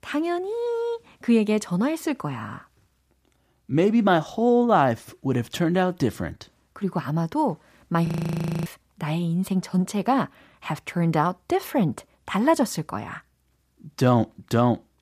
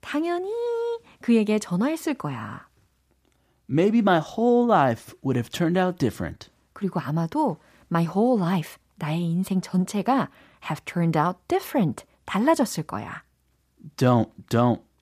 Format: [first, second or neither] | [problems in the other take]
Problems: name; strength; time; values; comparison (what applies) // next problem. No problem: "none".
second | audio freezing; at 8 s for 0.5 s